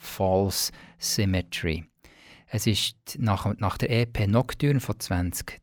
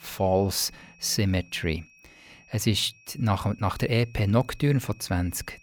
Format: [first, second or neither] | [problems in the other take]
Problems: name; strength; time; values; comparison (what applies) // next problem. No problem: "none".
first | high-pitched whine; faint; throughout; 2.5 kHz, 25 dB below the speech